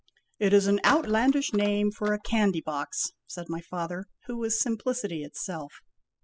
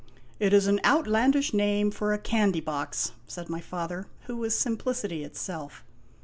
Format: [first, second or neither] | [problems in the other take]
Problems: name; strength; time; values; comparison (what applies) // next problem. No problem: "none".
second | noise reduction (classical method spectral subtraction)